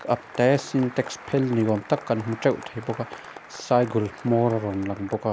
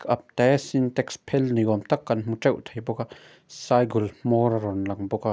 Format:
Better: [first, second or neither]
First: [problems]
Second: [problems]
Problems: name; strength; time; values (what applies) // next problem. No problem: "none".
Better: second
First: background sound (Applause); 17 dB below the speech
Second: none